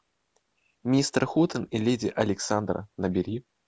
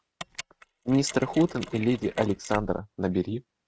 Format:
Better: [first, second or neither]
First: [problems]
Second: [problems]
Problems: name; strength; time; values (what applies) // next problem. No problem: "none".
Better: first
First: none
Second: noise reduction (neural mask model RNNoise)